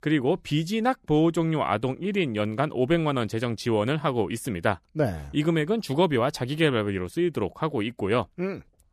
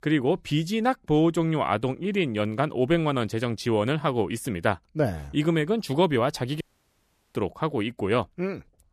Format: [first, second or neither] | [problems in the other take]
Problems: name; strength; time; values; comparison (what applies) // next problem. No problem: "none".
first | audio cutting out; at 6.5 s for 0.5 s